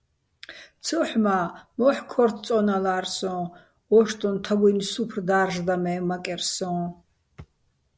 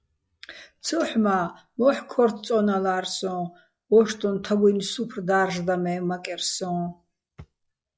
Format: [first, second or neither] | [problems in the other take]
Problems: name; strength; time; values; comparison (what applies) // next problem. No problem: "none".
first | noise reduction (classical method log-MMSE)